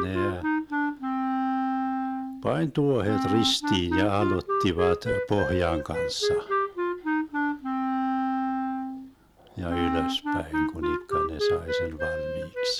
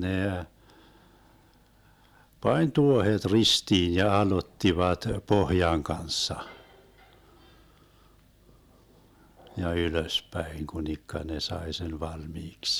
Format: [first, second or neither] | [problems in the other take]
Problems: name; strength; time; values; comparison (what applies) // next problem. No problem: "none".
second | background sound (Wind instrument, woodwind instrument); 2 dB above the speech